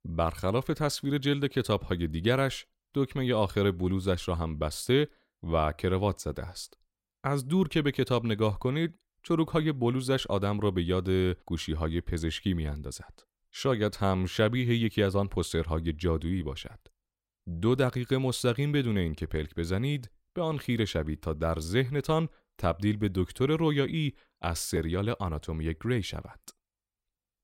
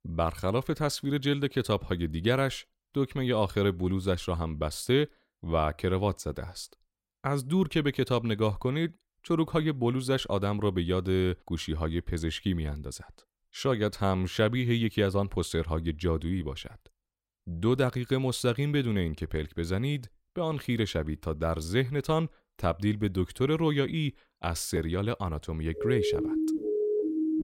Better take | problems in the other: first | siren; loud; from 26 s on; peak 1 dB above the speech

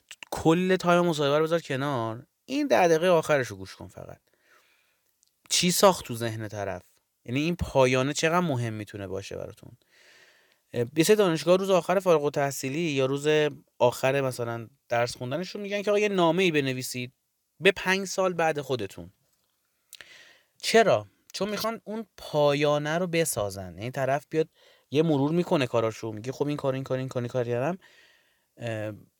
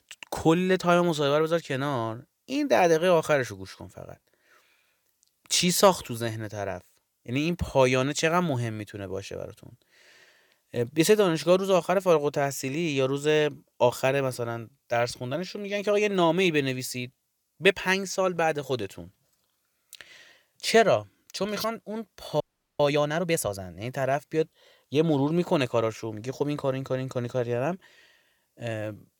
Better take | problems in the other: first | audio freezing; at 22 s

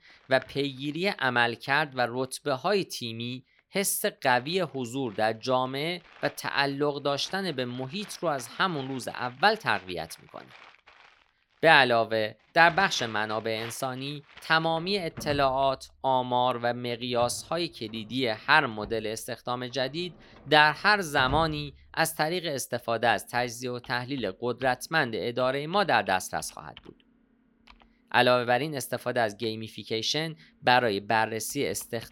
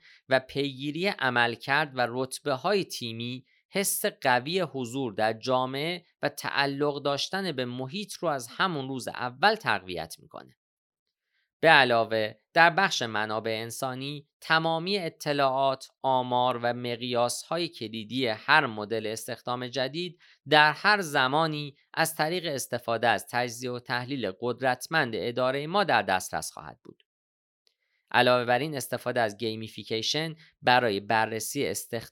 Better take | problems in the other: second | household noises; faint; throughout; 20 dB below the speech

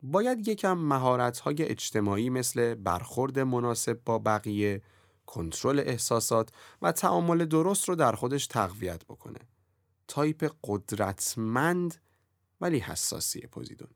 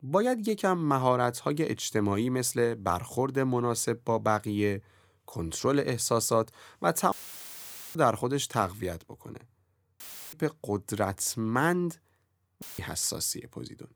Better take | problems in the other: first | audio cutting out; filled with static; at 7 s for 1 s, at 10 s and at 13 s

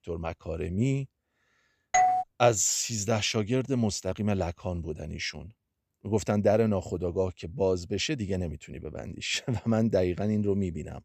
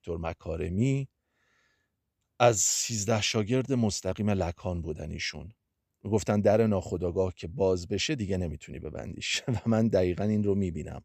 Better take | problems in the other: second | doorbell; loud; at 2 s; peak 5 dB above the speech

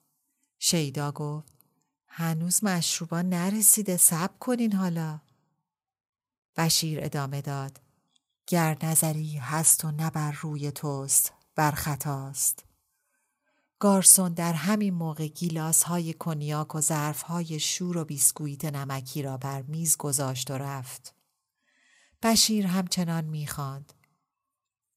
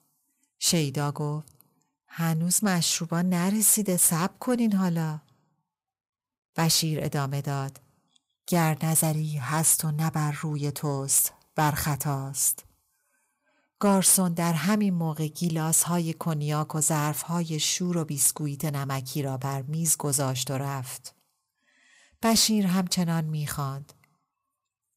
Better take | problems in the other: first | distortion; slight; 10 dB below the speech

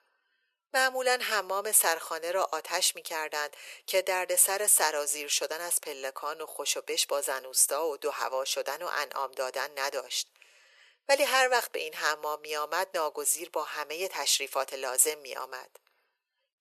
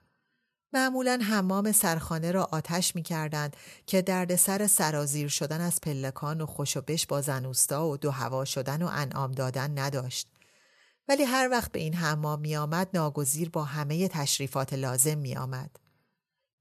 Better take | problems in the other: second | thin; very; fading below 400 Hz

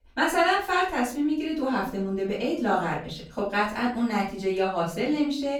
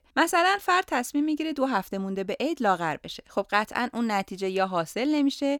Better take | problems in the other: second | off-mic speech; far // room echo; slight; dies away in 0.7 s

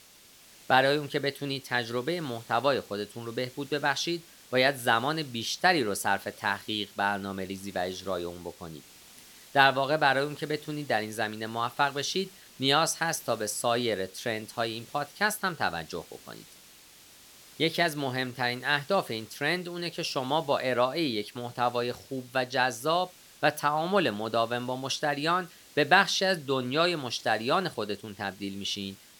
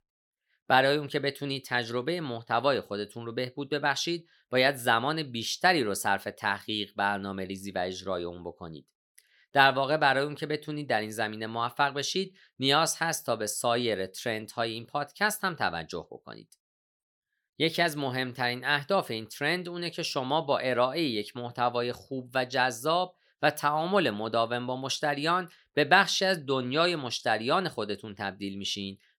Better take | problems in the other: second | hiss; faint; throughout; 20 dB below the speech

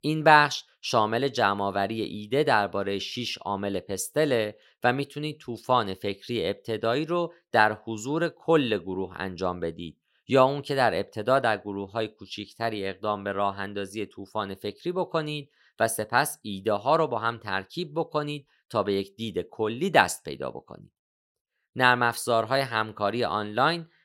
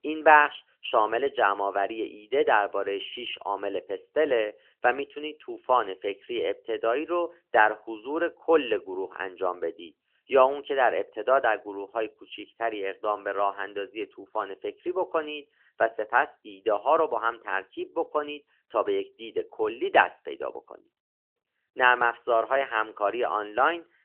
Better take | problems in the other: first | phone-call audio; nothing above 3 kHz

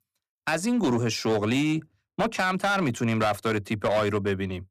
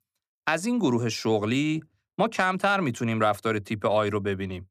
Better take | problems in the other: second | distortion; slight; 9% of the sound clipped

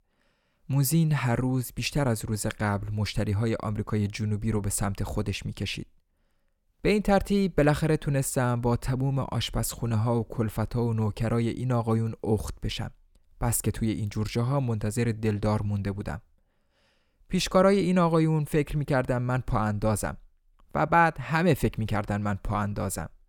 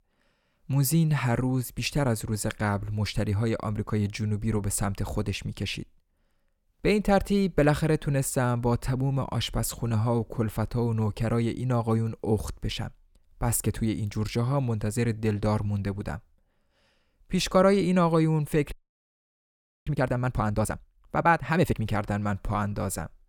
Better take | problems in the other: first | audio freezing; at 19 s for 1 s

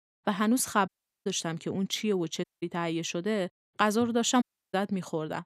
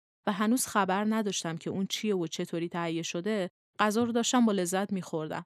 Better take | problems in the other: second | audio cutting out; at 1 s, at 2.5 s and at 4.5 s

